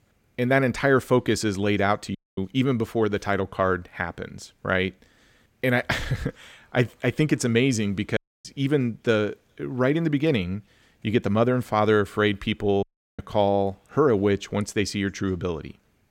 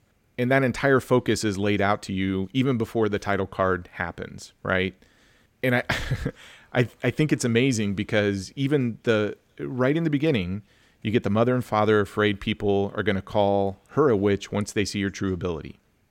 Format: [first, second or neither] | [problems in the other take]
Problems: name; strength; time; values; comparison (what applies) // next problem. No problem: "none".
second | audio cutting out; at 2 s, at 8 s and at 13 s